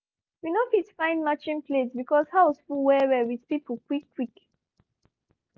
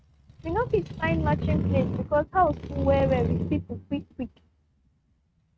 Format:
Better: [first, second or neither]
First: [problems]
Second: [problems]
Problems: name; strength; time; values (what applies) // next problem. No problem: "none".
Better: first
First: none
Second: noise reduction (neural mask model RNNoise)